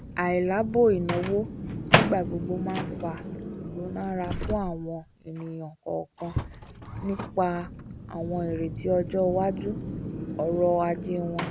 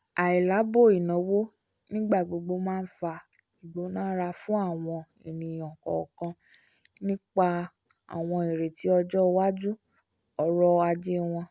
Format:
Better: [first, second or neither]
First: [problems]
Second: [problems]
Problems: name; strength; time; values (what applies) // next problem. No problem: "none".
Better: second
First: background sound (Microwave oven + Car); 4 dB below the speech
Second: none